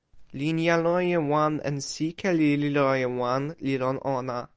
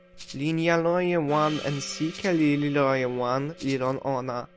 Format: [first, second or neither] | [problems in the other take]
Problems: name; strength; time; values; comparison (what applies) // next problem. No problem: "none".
first | background sound (Gong + Rattle (instrument)); 19 dB below the speech